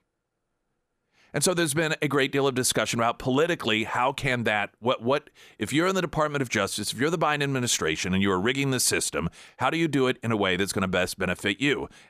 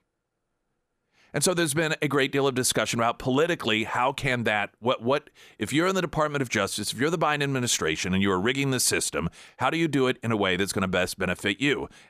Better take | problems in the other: neither | none

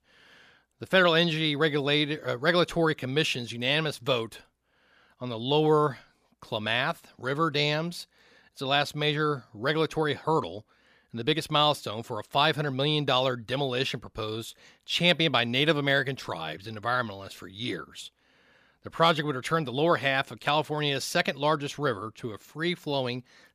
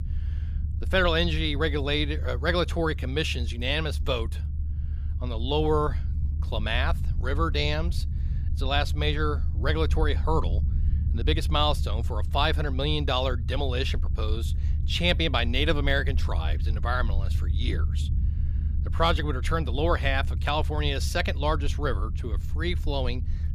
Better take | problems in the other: first | low rumble; noticeable; throughout; 20 dB below the speech

